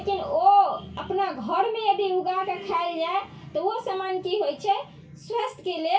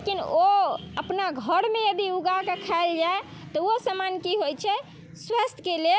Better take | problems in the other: second | room echo; dies away in 0.2 s

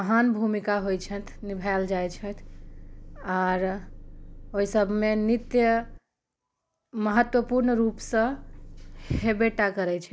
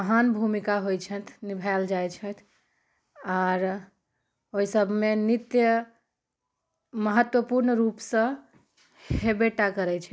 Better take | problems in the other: second | background sound (Engine); 15 dB below the speech

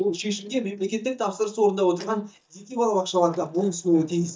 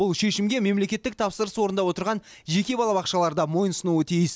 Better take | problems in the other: second | noise reduction (neural mask model DeepFilterNet 3)

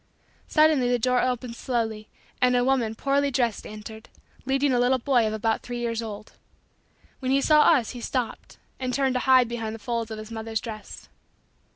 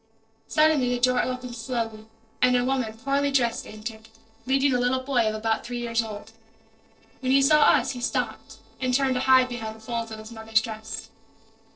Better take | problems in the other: first | noise reduction (neural separator model SepFormer DNS4)

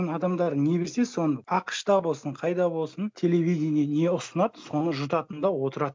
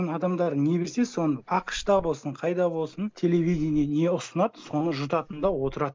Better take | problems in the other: first | noise reduction (neural mask model Resemble Enhance denoiser)

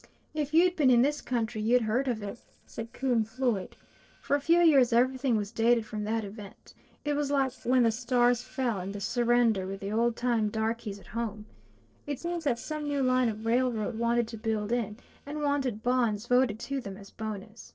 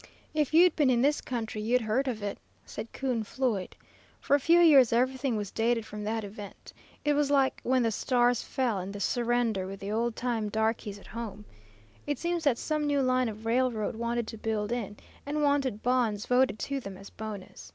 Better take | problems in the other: second | noise reduction (neural separator model SepFormer DNS4)

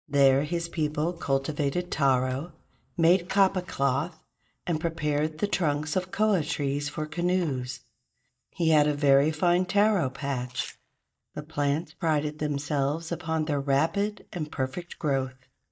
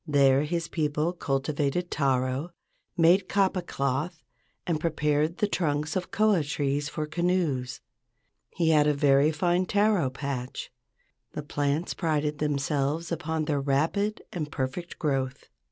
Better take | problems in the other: second | noise reduction (neural mask model DeepFilterNet 3)

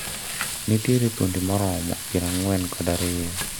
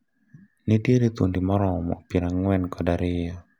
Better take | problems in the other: second | background sound (Frying (food)); 7 dB below the speech

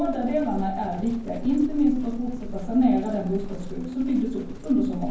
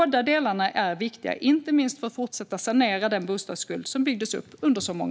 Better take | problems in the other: second | background sound (Livestock, farm animals, working animals); 9 dB below the speech // room echo; dies away in 0.9 s

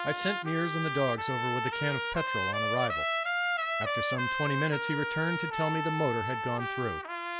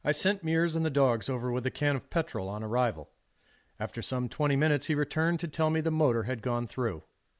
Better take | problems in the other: second | background sound (Trumpet); 1 dB above the speech

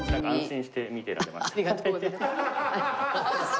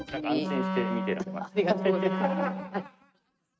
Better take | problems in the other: first | noise reduction (neural mask model RNNoise)

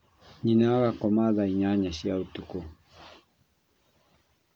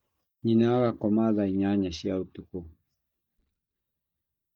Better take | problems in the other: first | noise reduction (neural mask model DeepFilterNet 3)

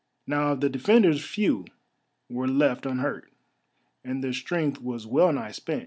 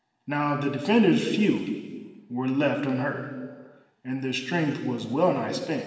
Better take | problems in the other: first | room echo; dies away in 1.6 s

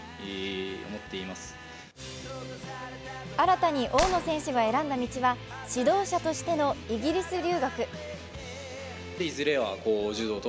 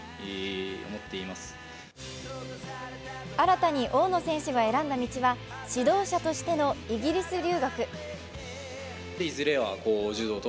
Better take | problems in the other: second | background sound (Clapping); 6 dB below the speech

